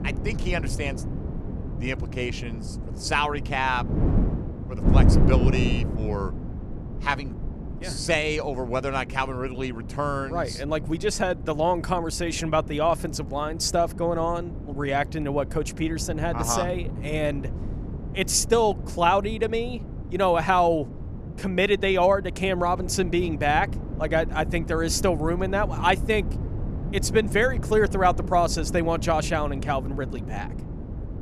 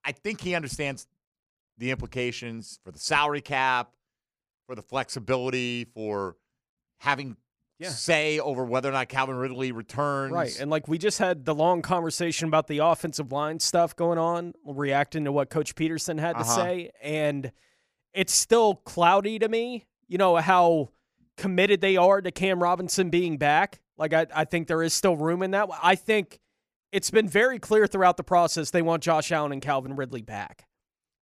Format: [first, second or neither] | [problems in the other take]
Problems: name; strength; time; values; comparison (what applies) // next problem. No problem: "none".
second | wind noise on the microphone; occasional gusts; 15 dB below the speech